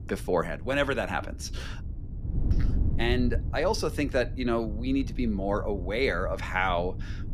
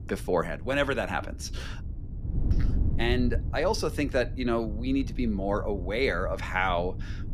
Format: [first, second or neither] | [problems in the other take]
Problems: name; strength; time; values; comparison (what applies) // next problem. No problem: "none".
neither | wind noise on the microphone; occasional gusts; 20 dB below the speech; the same in both